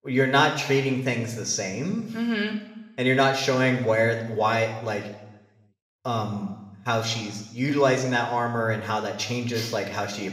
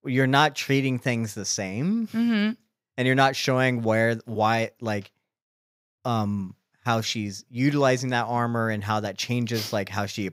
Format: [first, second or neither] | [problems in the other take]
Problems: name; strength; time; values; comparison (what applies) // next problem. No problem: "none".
second | room echo; slight; dies away in 0.9 s // off-mic speech; somewhat distant